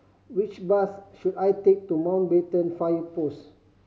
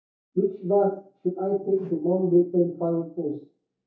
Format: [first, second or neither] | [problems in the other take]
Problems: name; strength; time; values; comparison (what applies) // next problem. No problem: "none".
first | noise reduction (neural mask model DeepFilterNet 3)